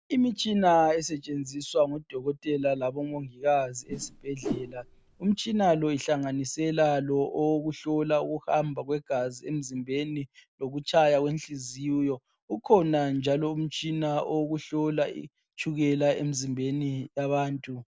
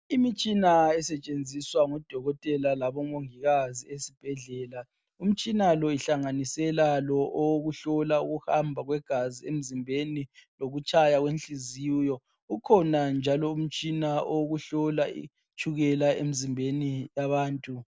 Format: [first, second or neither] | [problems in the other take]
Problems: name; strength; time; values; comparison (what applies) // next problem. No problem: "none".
second | background sound (Whoosh, swoosh, swish); 11 dB below the speech